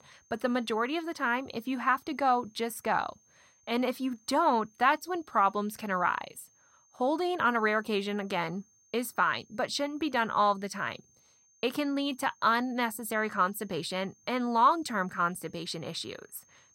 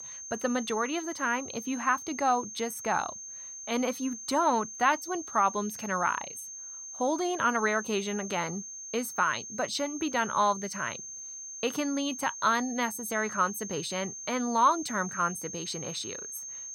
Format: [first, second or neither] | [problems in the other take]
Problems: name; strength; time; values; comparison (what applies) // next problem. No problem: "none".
first | high-pitched whine; loud; throughout; 6.5 kHz, 9 dB below the speech; faint in the first